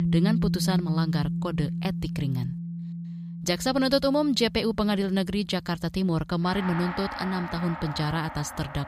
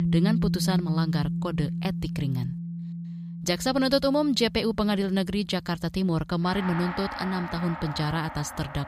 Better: neither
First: background music; loud; throughout; 5 dB below the speech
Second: background music; loud; throughout; 5 dB below the speech

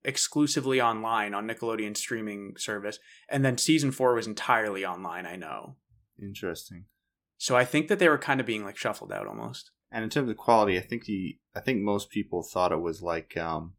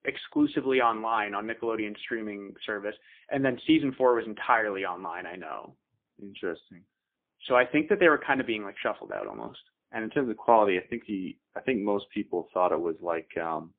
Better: first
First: none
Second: phone-call audio; poor line

